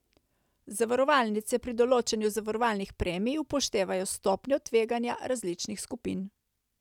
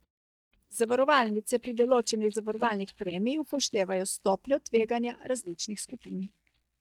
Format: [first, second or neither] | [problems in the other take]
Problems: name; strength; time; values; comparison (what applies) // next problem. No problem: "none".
first | noise reduction (neural mask model DeepFilterNet 3)